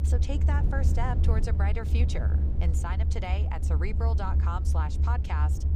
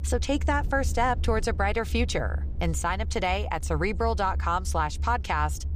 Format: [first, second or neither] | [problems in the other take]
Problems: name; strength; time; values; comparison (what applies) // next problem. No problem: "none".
second | low rumble; loud; throughout; 6 dB below the speech; faint in the second